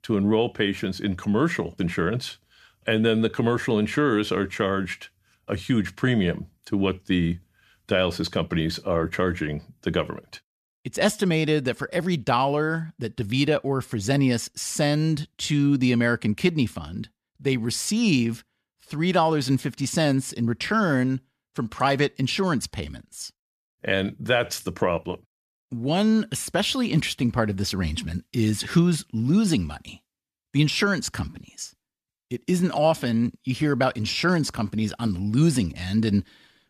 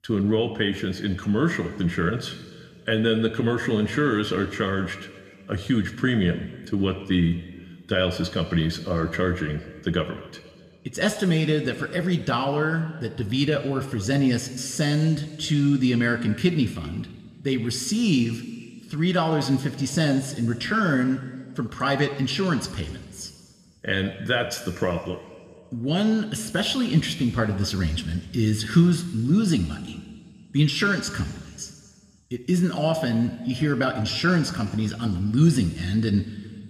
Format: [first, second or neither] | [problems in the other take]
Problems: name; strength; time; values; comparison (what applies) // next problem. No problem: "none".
first | room echo; slight; dies away in 1.7 s